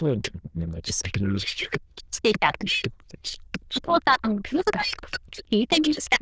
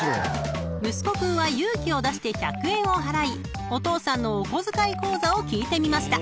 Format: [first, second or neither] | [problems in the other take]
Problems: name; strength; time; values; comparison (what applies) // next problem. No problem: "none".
second | noise reduction (neural diffusion model UNIVERSE++)